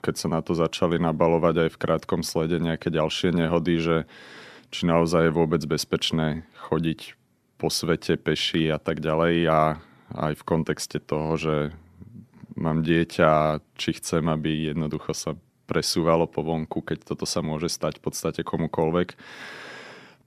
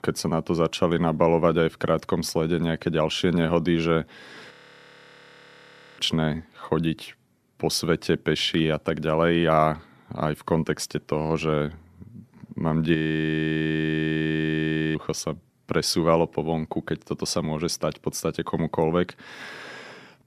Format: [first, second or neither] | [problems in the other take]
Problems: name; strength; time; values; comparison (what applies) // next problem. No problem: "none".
first | audio freezing; at 4.5 s for 1.5 s and at 13 s for 2 s